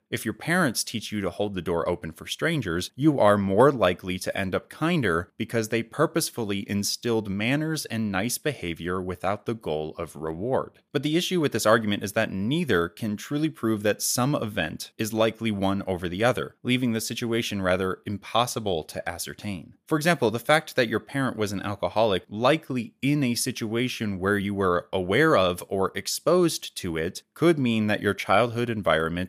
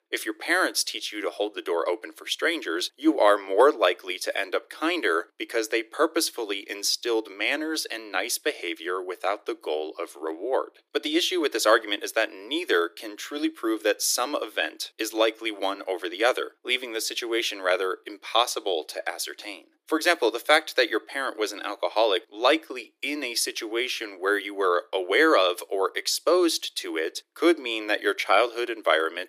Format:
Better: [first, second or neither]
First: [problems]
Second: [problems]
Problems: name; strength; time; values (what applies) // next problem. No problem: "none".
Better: first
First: none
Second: thin; very; fading below 300 Hz